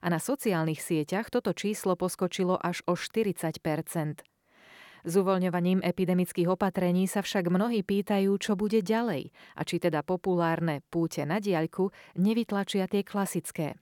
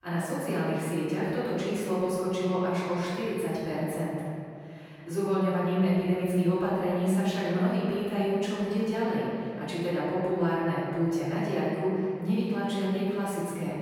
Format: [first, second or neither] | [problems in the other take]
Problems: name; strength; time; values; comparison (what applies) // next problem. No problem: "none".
first | off-mic speech; far // room echo; strong; dies away in 2.4 s